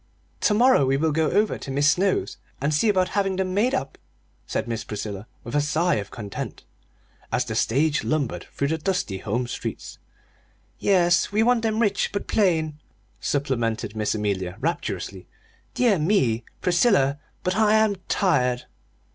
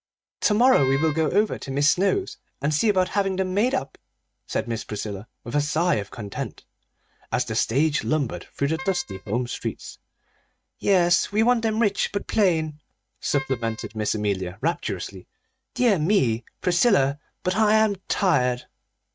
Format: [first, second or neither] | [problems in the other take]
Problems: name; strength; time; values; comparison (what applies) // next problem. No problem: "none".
first | noise reduction (neural mask model RNNoise)